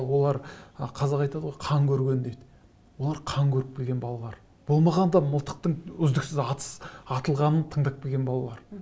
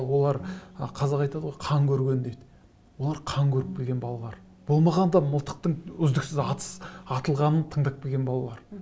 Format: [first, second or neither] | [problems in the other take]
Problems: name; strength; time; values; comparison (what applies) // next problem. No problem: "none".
first | background sound (Bowed string instrument); 20 dB below the speech